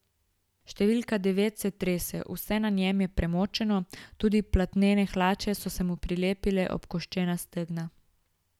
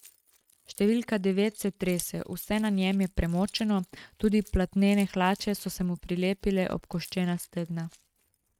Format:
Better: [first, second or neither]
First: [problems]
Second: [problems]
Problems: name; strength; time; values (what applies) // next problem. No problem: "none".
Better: first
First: none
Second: noise reduction (neural mask model RNNoise)